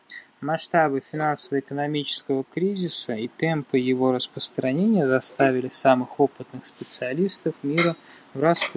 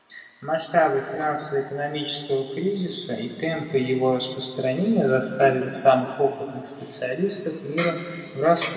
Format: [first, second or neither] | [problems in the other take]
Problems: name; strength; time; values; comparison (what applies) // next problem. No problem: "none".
first | room echo; dies away in 2.1 s